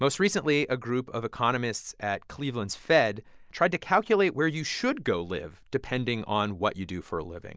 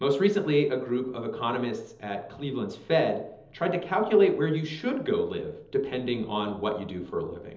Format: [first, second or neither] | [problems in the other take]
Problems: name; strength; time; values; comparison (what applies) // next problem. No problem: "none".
first | room echo; dies away in 1.2 s